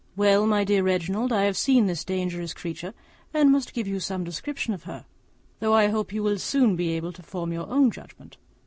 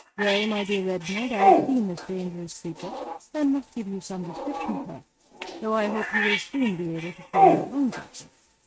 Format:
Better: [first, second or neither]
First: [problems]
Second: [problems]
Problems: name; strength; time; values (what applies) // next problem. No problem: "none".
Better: first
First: none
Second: noise reduction (neural mask model RNNoise)